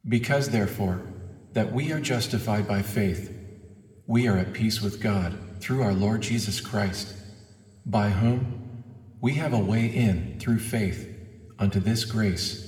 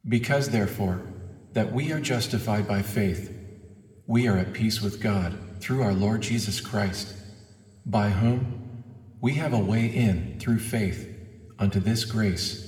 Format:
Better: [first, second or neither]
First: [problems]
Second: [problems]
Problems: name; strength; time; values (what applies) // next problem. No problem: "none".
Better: neither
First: room echo; slight; dies away in 1.6 s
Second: room echo; slight; dies away in 1.6 s